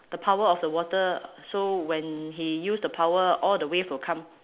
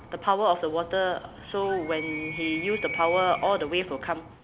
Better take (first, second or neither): first